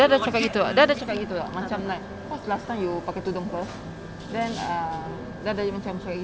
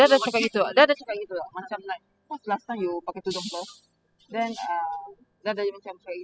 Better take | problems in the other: first | noise reduction (classical method spectral subtraction)

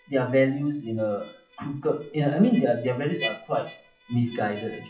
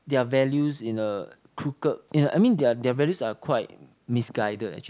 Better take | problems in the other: second | noise reduction (classical method WPE with log-MMSE)

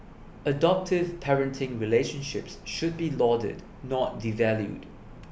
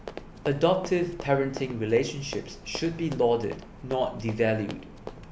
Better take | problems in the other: first | background sound (Run); 16 dB below the speech

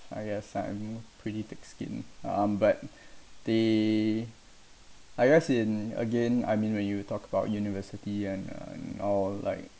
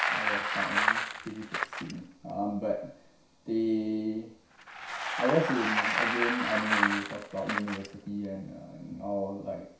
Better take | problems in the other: first | background sound (Bicycle); as loud as the speech // room echo; dies away in 0.6 s

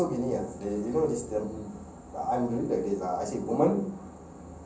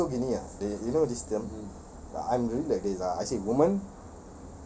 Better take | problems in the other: second | room echo; dies away in 0.6 s

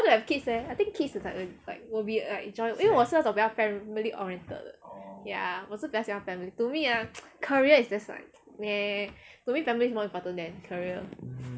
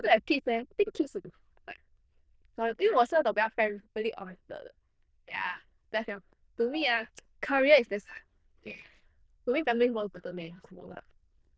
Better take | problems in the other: first | noise reduction (neural diffusion model UNIVERSE++)

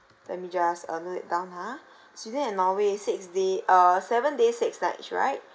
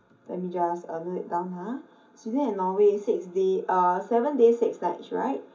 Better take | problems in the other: first | room echo; dies away in 0.3 s

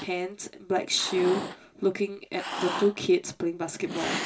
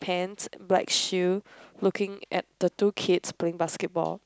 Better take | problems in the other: second | background sound (Cat); 8 dB below the speech // room echo; dies away in 0.2 s

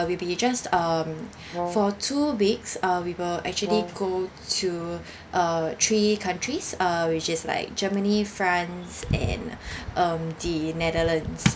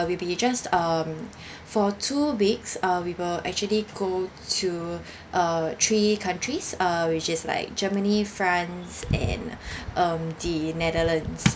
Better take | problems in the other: second | background sound (Brass instrument); 7 dB below the speech

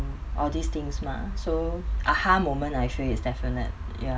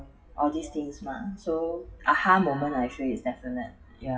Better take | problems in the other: first | noise reduction (classical method WPE with log-MMSE)

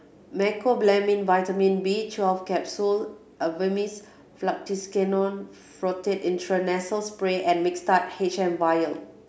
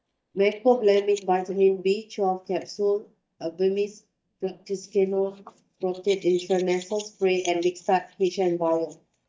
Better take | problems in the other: first | noise reduction (neural mask model DeepFilterNet 3)

